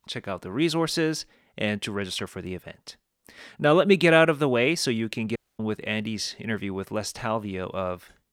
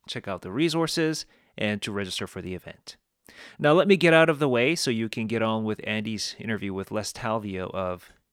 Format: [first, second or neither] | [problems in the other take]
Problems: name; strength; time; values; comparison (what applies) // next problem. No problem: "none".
second | audio cutting out; at 5.5 s